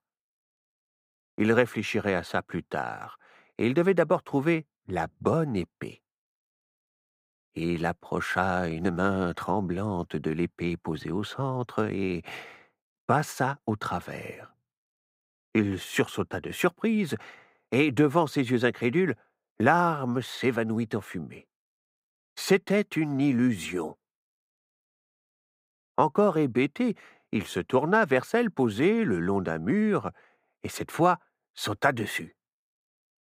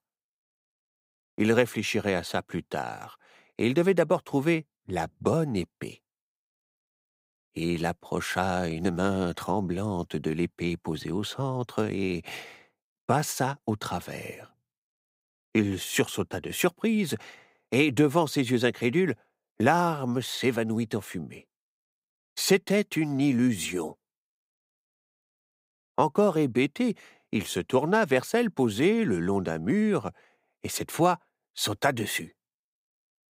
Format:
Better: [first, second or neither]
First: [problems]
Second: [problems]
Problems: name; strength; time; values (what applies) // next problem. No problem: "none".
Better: second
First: muffled; very slightly; fading above 3 kHz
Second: none